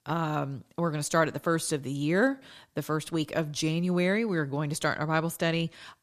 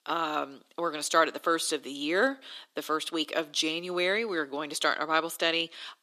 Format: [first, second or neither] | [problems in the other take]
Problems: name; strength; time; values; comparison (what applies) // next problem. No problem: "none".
first | thin; somewhat; fading below 300 Hz